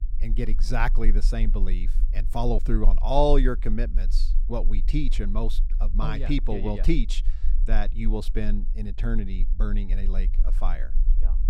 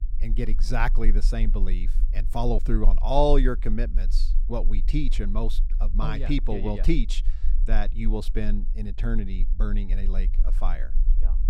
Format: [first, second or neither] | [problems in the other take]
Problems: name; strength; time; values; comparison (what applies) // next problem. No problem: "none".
neither | low rumble; faint; throughout; 25 dB below the speech; the same in both